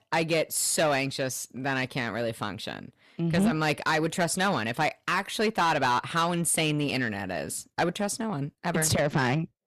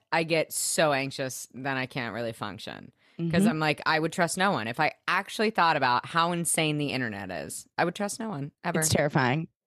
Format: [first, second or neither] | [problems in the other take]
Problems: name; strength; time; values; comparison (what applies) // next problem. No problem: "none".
second | distortion; slight; 10 dB below the speech